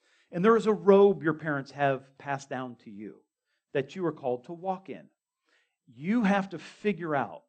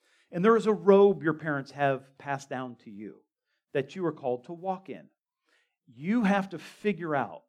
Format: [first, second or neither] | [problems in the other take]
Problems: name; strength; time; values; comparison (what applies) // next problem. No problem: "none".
second | garbled, watery; slightly